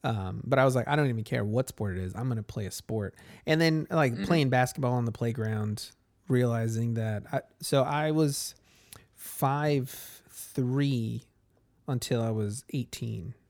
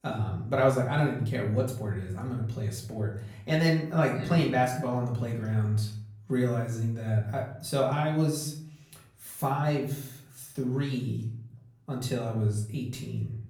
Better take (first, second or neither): first